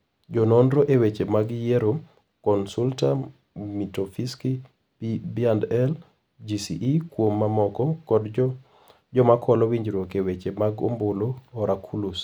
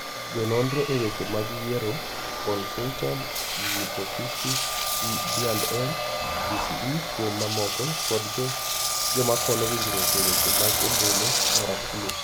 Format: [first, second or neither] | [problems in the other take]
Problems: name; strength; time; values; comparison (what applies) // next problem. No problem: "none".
first | background sound (Engine); 3 dB above the speech